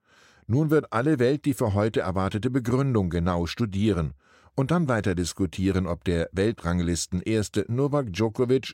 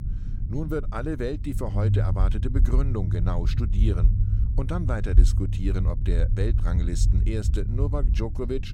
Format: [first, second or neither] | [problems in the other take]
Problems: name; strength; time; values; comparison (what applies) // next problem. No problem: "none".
first | low rumble; loud; throughout; 7 dB below the speech